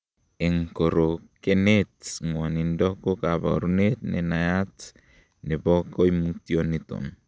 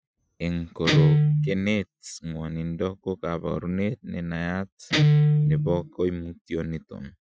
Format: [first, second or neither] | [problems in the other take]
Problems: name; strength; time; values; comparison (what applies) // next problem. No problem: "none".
first | noise reduction (classical method Wiener filter)